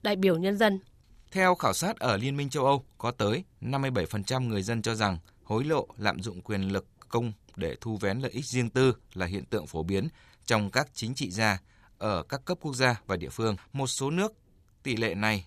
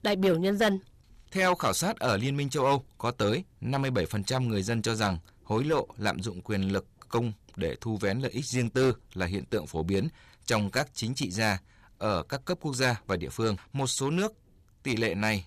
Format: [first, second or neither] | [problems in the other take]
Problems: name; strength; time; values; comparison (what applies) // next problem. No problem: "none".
first | distortion; slight; 4% of the sound clipped